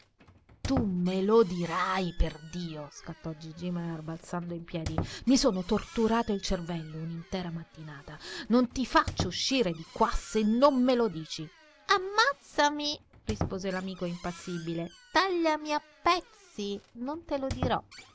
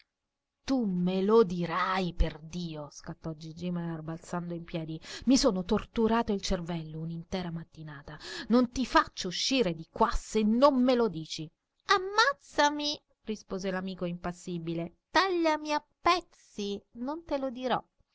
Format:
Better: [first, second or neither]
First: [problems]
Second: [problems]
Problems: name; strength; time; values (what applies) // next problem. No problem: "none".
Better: second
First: background sound (Squeak); 13 dB below the speech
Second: none